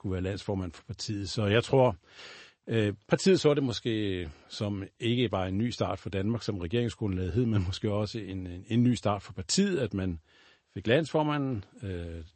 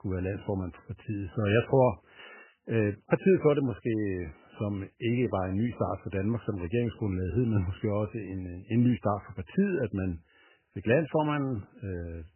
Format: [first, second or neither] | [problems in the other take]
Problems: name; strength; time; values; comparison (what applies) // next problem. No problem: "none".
first | garbled, watery; badly; nothing above 3 kHz; slightly in the first